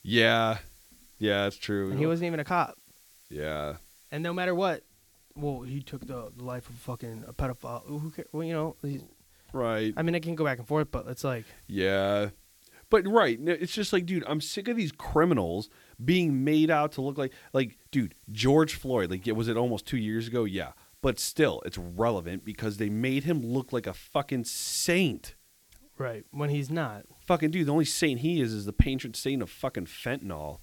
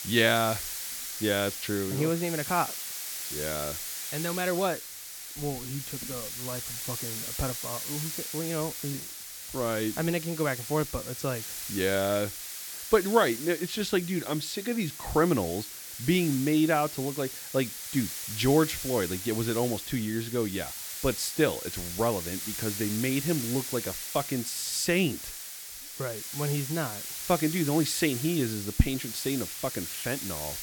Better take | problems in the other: first | hiss; loud; throughout; 5 dB below the speech; faint in the first

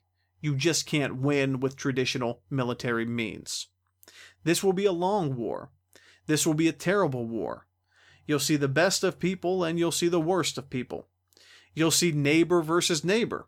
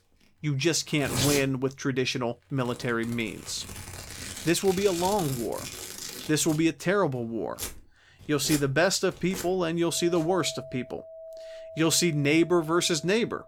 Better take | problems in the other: first | household noises; noticeable; throughout; 10 dB below the speech

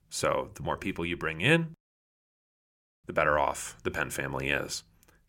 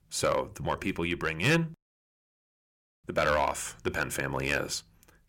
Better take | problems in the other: first | distortion; slight; 2% of the sound clipped

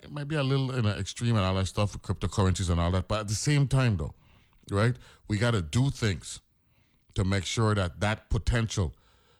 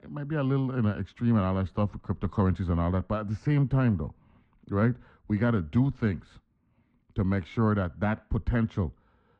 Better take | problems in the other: first | muffled; very; fading above 1.5 kHz

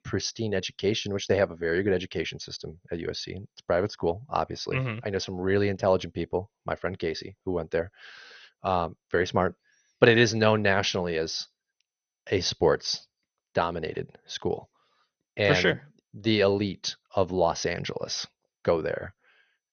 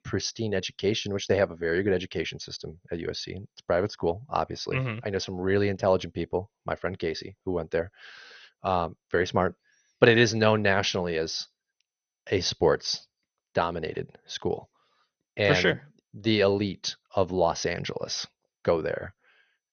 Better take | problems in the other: neither | garbled, watery; slightly; nothing above 6.5 kHz; the same in both

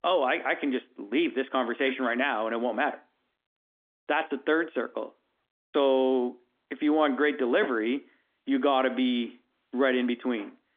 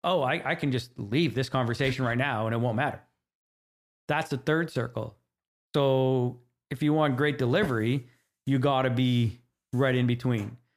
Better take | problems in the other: second | phone-call audio; nothing above 3.5 kHz

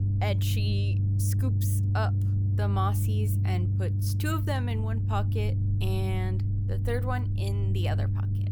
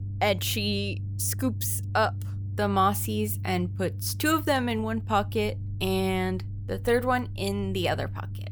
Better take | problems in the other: second | low rumble; loud; throughout; 5 dB below the speech; faint in the second

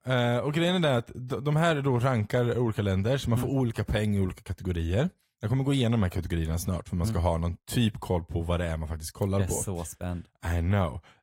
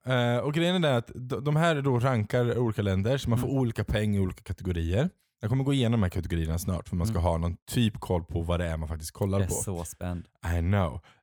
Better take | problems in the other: second | garbled, watery; slightly; nothing above 16 kHz

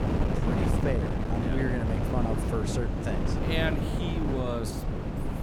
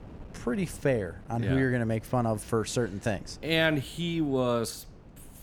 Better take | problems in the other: second | wind noise on the microphone; heavy; as loud as the speech; occasional gusts in the second

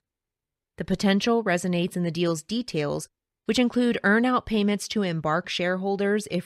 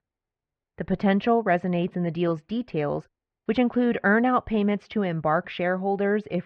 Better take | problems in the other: first | muffled; very; fading above 2.5 kHz

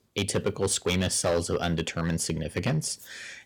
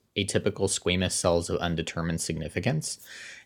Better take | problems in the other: second | distortion; slight; 4% of the sound clipped

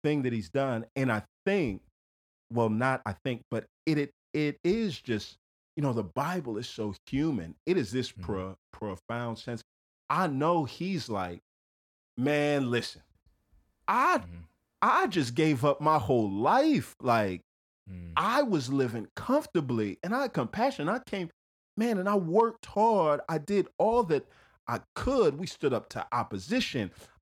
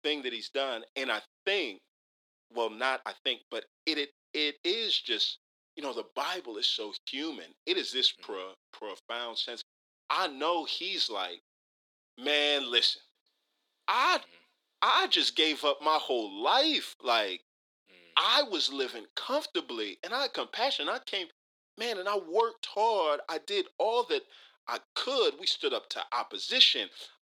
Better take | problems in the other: first | thin; somewhat; fading below 350 Hz

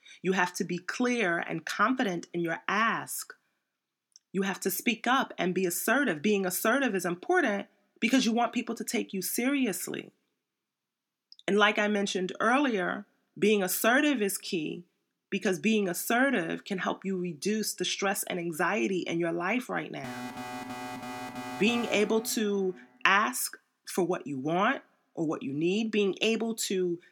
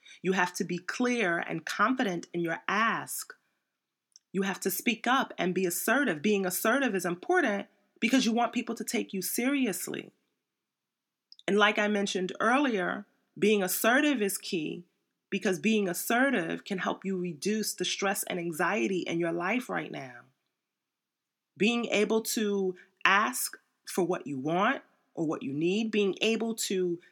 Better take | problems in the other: second | alarm; noticeable; from 20 to 23 s; peak 10 dB below the speech

